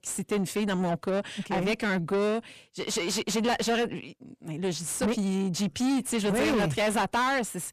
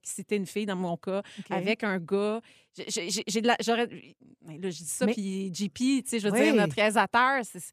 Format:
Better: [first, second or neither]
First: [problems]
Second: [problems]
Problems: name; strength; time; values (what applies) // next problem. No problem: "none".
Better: second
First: distortion; heavy; 6 dB below the speech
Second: none